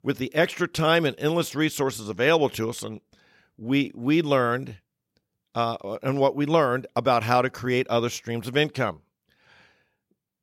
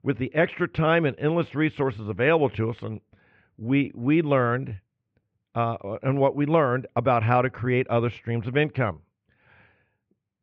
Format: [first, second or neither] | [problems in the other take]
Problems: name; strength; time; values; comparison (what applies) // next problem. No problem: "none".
first | muffled; very; fading above 2.5 kHz